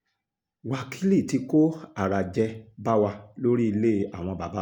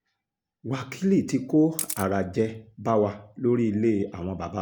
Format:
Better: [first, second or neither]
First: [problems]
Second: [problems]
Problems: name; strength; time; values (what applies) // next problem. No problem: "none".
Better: first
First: none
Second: background sound (Camera); 12 dB below the speech